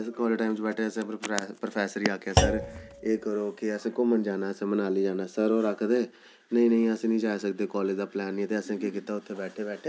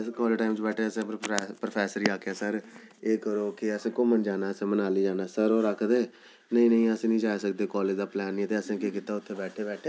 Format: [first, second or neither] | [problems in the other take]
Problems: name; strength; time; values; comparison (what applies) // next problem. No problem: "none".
second | background sound (Thump, thud); 3 dB below the speech